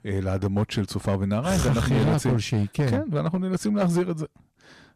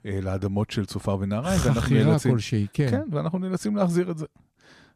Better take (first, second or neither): second